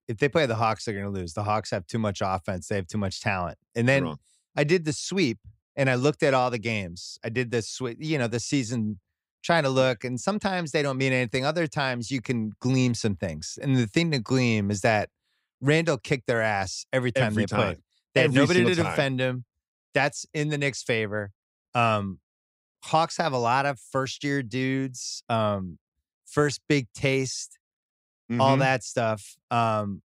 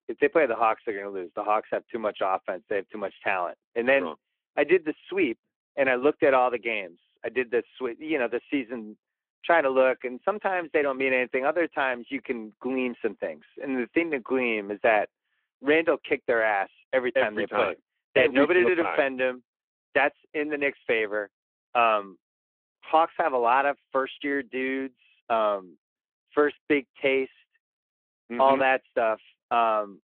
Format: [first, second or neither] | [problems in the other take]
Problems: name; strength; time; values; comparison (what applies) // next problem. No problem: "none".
first | phone-call audio